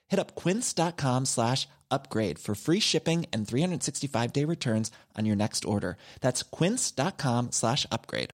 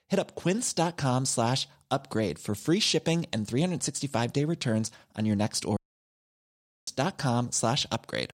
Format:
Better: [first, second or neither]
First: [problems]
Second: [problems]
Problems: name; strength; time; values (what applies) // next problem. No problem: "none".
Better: first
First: none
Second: audio cutting out; at 6 s for 1 s